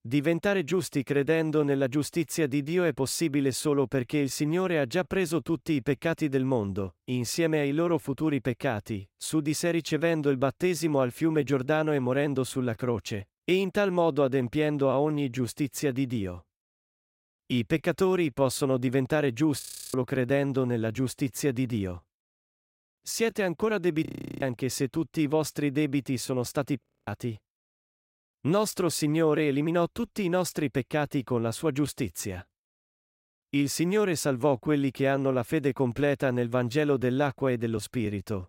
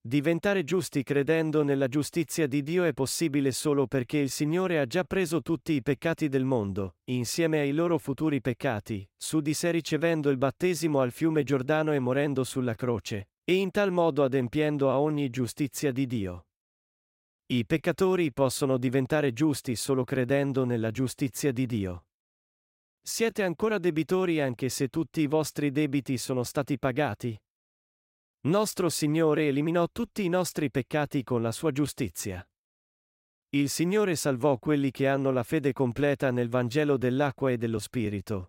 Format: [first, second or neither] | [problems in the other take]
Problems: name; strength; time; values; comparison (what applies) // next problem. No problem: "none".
second | audio freezing; at 20 s, at 24 s and at 27 s